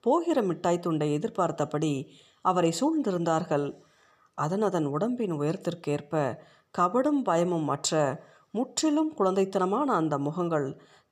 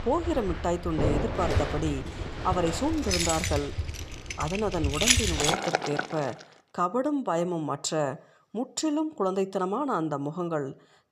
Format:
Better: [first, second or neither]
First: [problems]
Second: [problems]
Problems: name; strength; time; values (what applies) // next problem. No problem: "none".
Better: first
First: none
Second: household noises; very loud; until 6 s; 1 dB above the speech